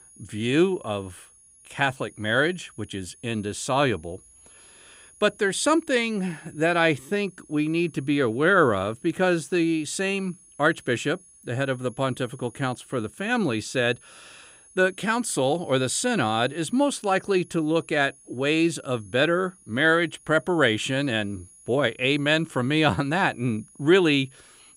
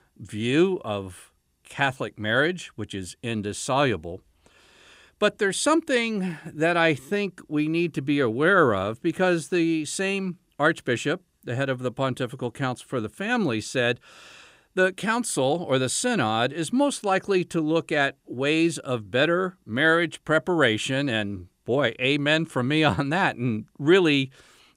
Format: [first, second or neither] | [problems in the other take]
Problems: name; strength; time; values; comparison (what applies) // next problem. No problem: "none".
second | high-pitched whine; faint; throughout; 10 kHz, 25 dB below the speech